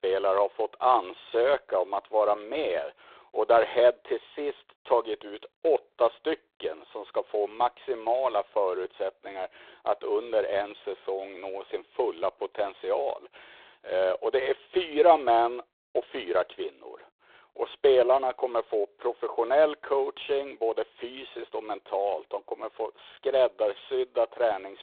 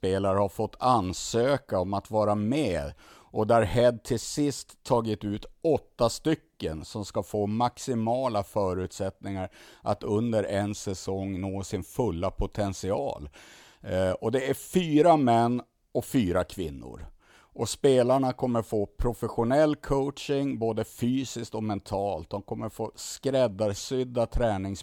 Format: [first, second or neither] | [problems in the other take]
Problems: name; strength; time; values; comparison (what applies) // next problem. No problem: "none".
second | phone-call audio; poor line; nothing above 3.5 kHz